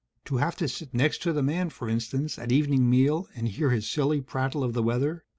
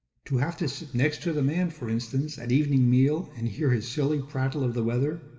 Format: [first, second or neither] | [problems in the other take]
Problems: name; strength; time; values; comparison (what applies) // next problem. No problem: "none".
first | room echo; dies away in 1.4 s